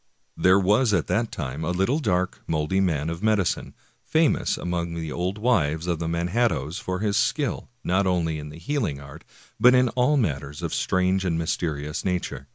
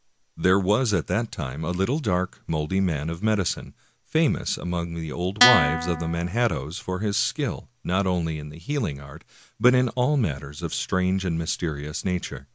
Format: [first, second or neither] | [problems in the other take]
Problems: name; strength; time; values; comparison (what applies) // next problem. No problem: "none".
first | background sound (Guitar); 3 dB above the speech